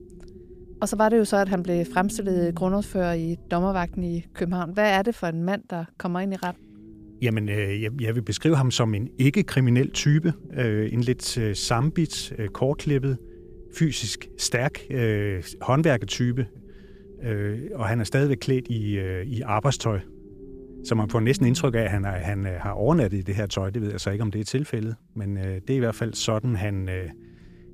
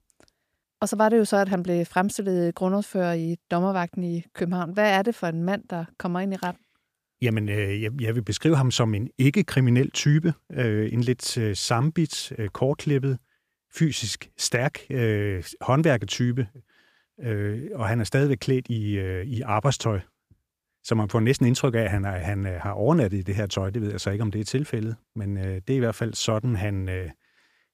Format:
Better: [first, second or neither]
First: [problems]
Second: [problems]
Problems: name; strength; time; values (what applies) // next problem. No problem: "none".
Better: second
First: low rumble; faint; throughout; 20 dB below the speech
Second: none